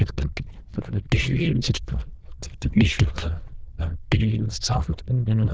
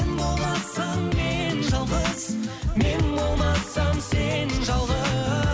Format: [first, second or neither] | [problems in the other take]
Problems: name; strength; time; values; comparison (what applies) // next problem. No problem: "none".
second | noise reduction (neural diffusion model UNIVERSE++)